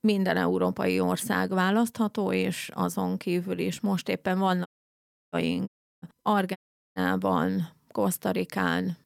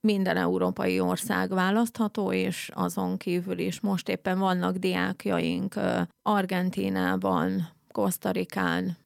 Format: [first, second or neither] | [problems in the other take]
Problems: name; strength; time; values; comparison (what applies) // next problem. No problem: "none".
second | audio cutting out; at 4.5 s for 0.5 s, at 5.5 s and at 6.5 s